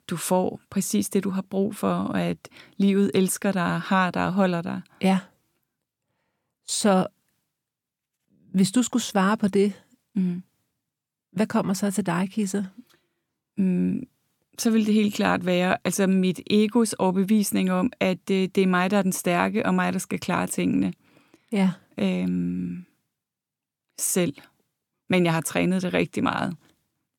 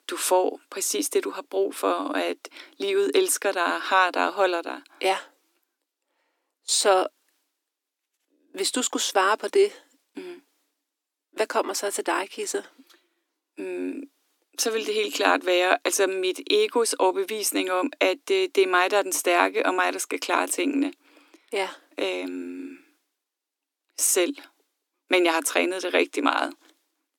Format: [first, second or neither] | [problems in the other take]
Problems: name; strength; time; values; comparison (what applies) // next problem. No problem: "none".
first | thin; very; fading below 300 Hz